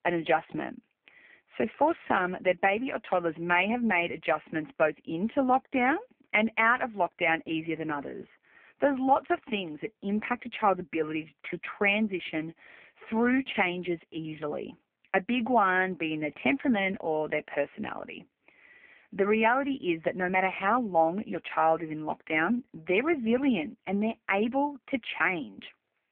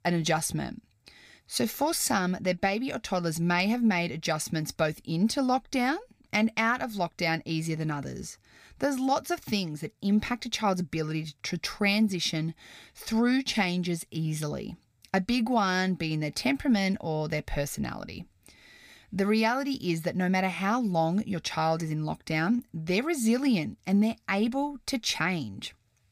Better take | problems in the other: second | phone-call audio; poor line

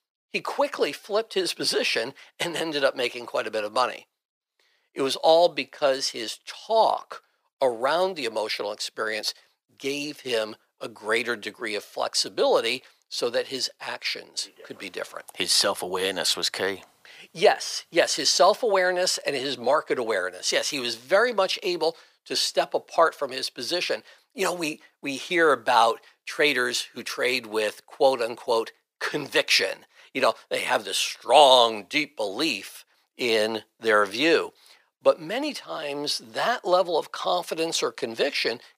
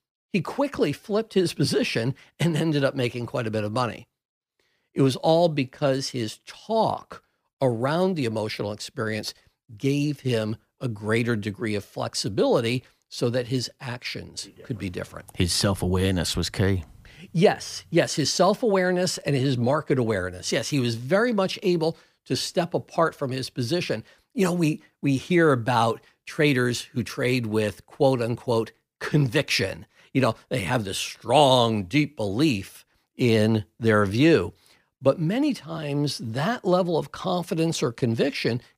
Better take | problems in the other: second | thin; very; fading below 600 Hz

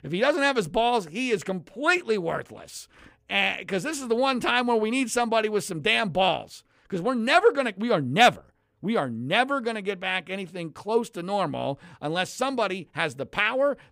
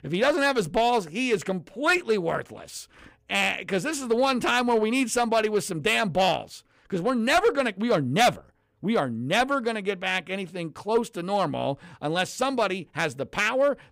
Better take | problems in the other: first | distortion; slight; 3% of the sound clipped

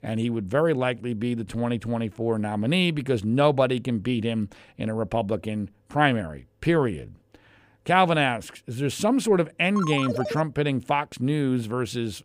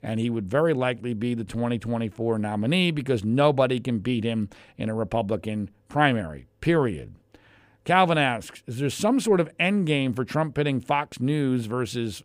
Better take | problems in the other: second | phone ringing; noticeable; at 10 s; peak 6 dB below the speech

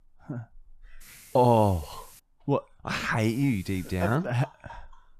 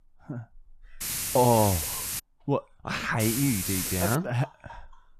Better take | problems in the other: first | hiss; loud; from 1 to 2 s and at 3 s; 3 dB below the speech; faint in the first

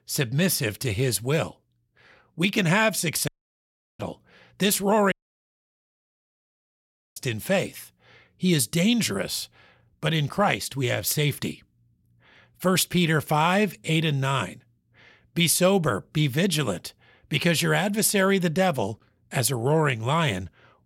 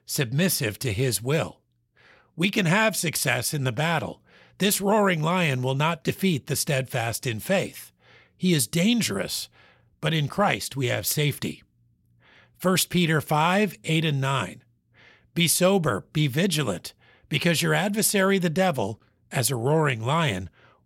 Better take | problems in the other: second | audio cutting out; at 3.5 s for 0.5 s and at 5 s for 2 s

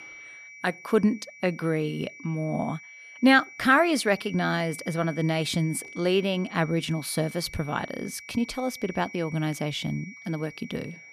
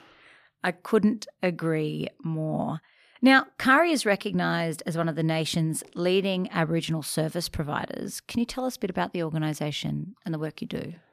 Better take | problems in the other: second | high-pitched whine; noticeable; throughout; 2.5 kHz, 15 dB below the speech

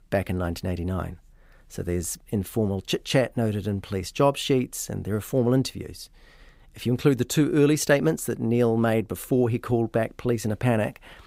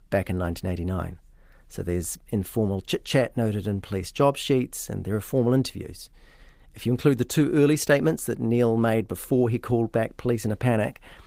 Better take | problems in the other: first | garbled, watery; slightly; nothing above 15.5 kHz

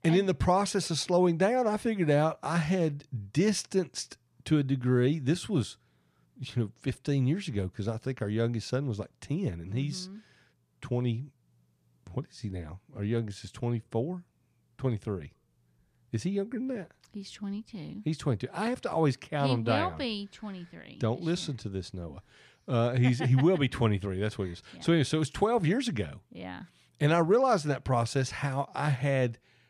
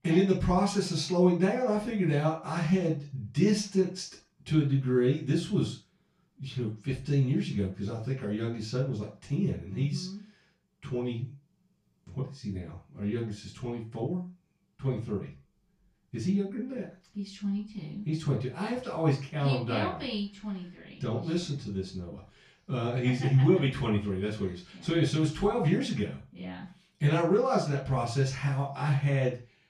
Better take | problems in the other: first | room echo; noticeable; dies away in 0.3 s // off-mic speech; far

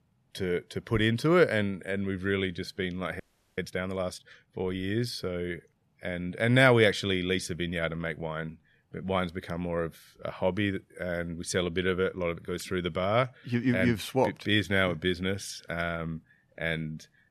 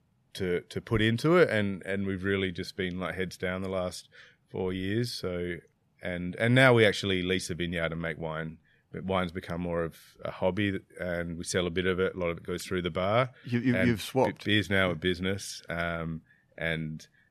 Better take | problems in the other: second | audio freezing; at 3 s

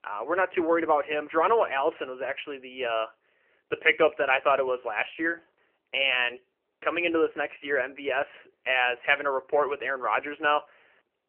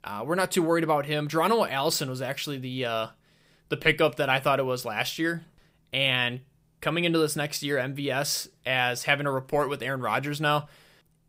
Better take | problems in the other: second | phone-call audio; nothing above 3 kHz

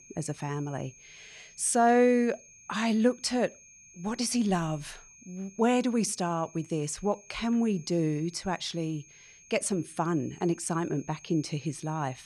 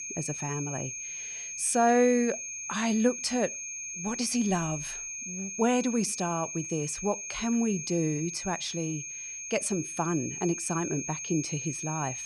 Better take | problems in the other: first | high-pitched whine; loud; throughout; 6.5 kHz, 6 dB below the speech; faint in the first

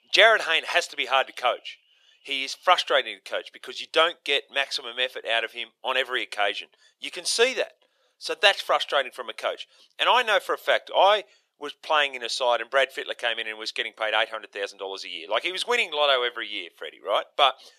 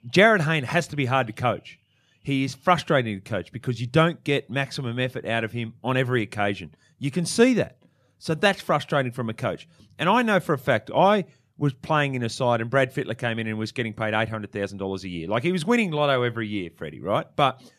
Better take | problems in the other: second | thin; very; fading below 500 Hz

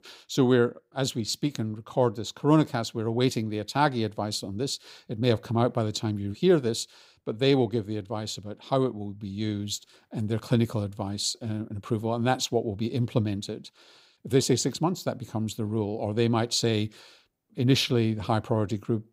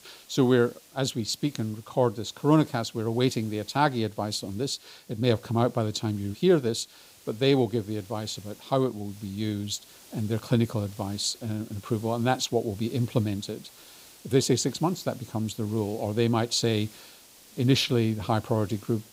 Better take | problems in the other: first | hiss; faint; throughout; 25 dB below the speech

